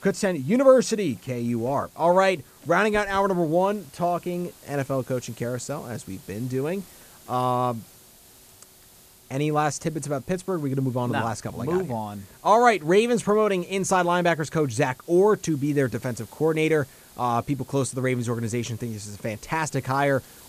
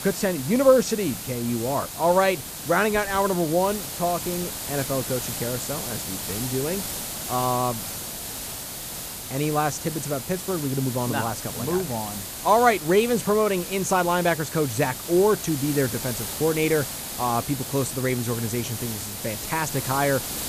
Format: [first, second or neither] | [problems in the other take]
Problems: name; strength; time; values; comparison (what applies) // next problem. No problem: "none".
first | hiss; loud; throughout; 6 dB below the speech; faint in the first